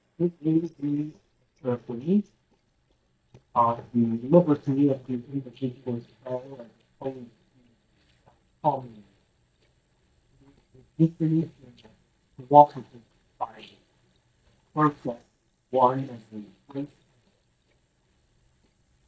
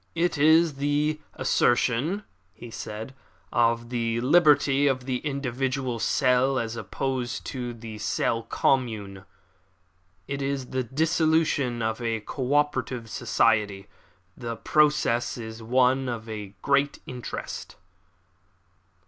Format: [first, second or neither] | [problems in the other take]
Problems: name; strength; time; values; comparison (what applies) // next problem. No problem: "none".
second | noise reduction (neural mask model DeepFilterNet 3)